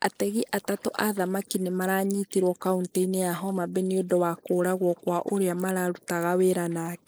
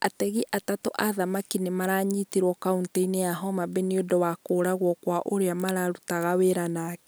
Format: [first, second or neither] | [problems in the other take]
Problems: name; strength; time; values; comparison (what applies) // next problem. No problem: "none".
second | noise reduction (neural mask model Resemble Enhance denoiser)